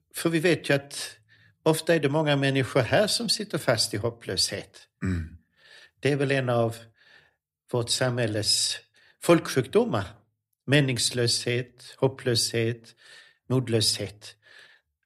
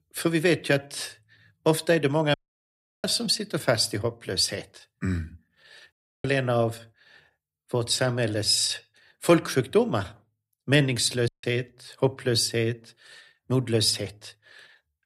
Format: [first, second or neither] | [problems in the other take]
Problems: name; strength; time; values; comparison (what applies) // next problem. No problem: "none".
first | audio cutting out; at 2.5 s for 0.5 s, at 6 s and at 11 s